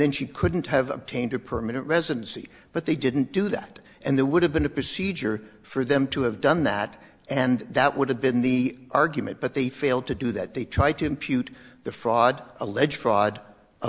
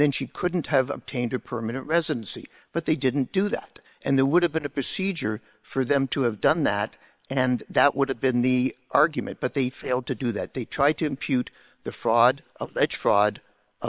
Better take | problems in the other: first | noise reduction (neural separator model SepFormer WHAM!)

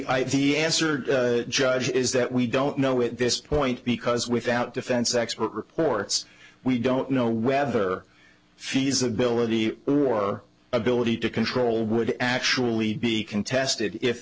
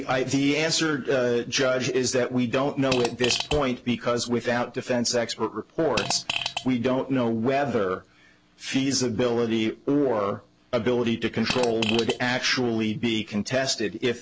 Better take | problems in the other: first | background sound (Fart); 6 dB below the speech

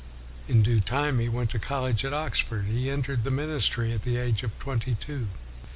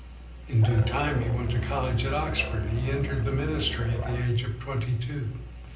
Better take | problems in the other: first | background sound (Musical instrument); 6 dB below the speech // room echo; dies away in 0.6 s

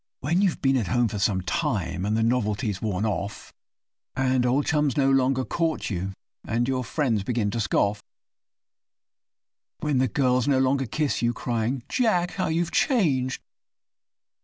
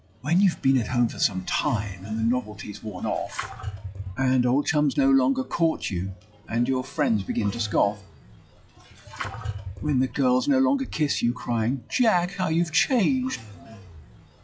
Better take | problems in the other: first | noise reduction (classical method log-MMSE)

